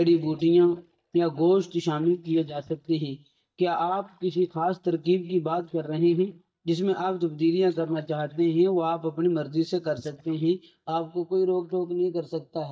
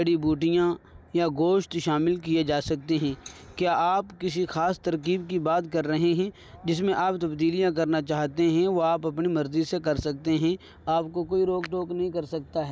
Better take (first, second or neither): second